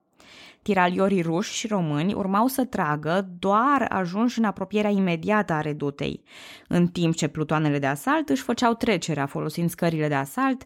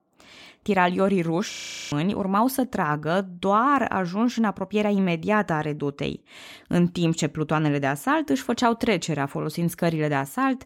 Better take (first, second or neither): first